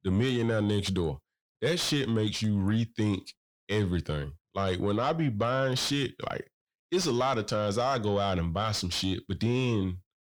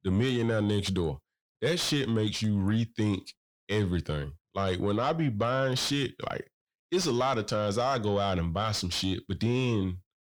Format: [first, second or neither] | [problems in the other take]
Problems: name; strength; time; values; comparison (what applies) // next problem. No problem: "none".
neither | distortion; slight; 10 dB below the speech; the same in both